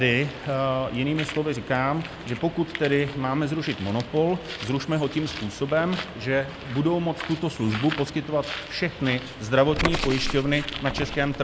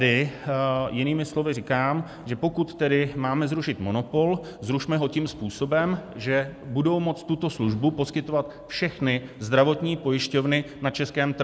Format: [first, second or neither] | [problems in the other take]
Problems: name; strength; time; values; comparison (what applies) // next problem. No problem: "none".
second | background sound (Bird); 9 dB below the speech